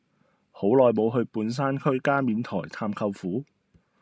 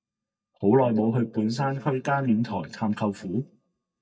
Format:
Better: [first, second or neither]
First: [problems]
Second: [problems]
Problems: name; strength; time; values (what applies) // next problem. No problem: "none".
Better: first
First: none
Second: noise reduction (neural mask model DeepFilterNet 3)